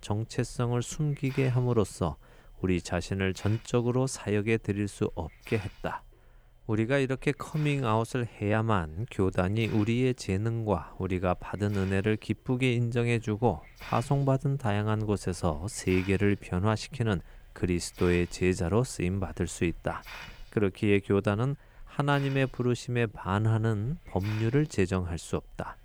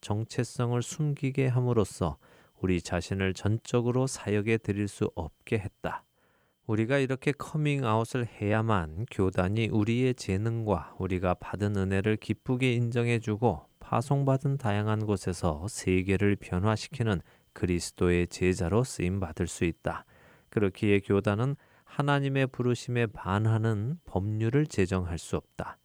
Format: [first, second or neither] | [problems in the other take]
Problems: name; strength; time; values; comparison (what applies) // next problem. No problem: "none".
second | hiss; faint; throughout; 20 dB below the speech